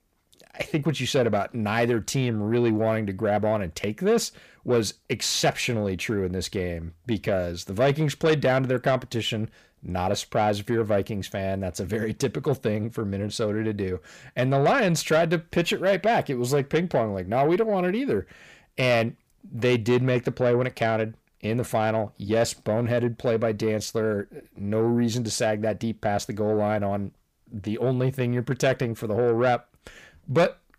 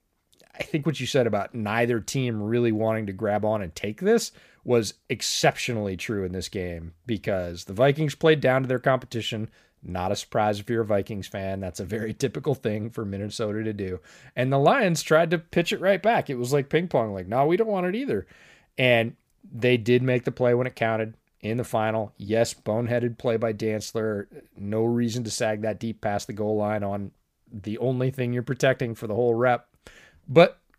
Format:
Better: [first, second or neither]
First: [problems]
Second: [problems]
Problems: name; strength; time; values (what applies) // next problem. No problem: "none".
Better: second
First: distortion; slight; 10 dB below the speech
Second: none